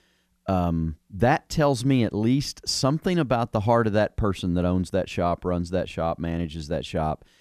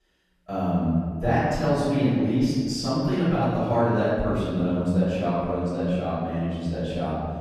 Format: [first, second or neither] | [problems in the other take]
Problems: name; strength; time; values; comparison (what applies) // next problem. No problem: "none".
first | room echo; strong; dies away in 1.9 s // off-mic speech; far